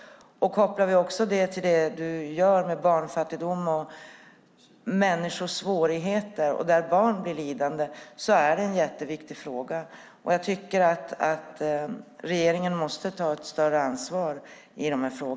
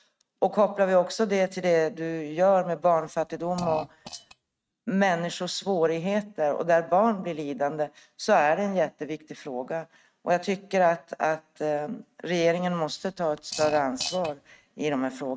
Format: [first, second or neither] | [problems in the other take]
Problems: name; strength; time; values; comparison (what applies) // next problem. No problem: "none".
first | noise reduction (neural mask model RNNoise)